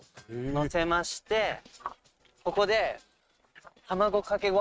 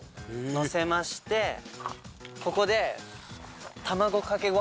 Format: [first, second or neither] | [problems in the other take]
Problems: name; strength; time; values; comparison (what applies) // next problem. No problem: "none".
second | noise reduction (neural mask model RNNoise)